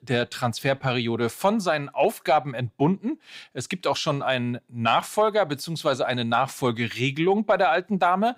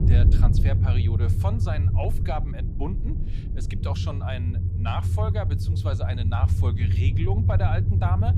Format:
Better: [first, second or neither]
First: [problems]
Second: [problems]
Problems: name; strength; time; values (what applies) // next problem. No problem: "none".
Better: first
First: none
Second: low rumble; loud; throughout; 4 dB below the speech